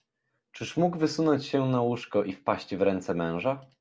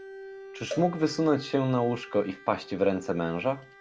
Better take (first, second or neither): first